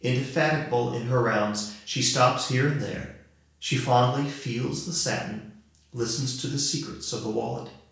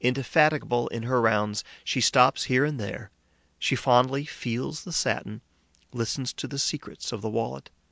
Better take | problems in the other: second | room echo; dies away in 0.6 s

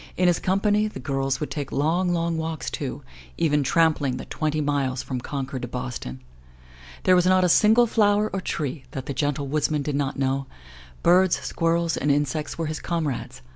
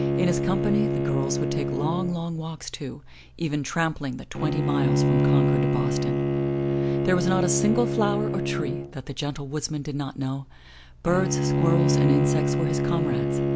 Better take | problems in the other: first | background sound (Bowed string instrument); 3 dB above the speech

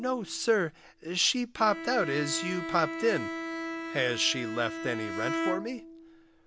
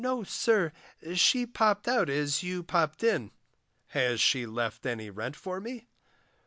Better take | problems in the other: second | background sound (Bowed string instrument); 6 dB below the speech

